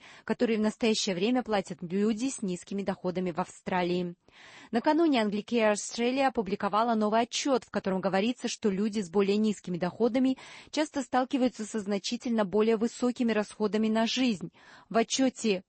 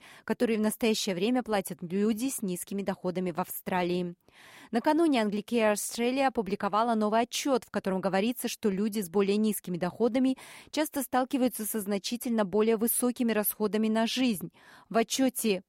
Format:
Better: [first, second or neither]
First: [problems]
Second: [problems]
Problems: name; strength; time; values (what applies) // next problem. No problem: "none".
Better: second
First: garbled, watery; slightly; nothing above 8 kHz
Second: none